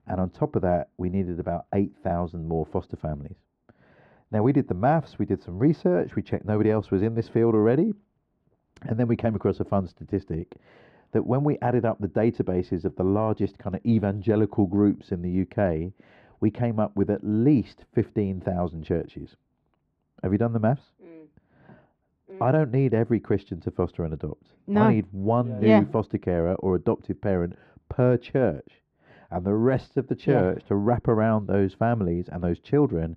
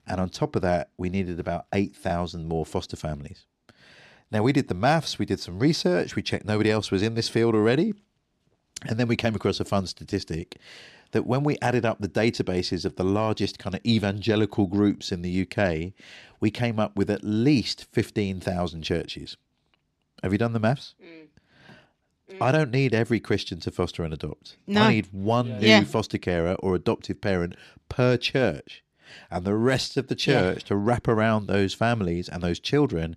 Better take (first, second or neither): second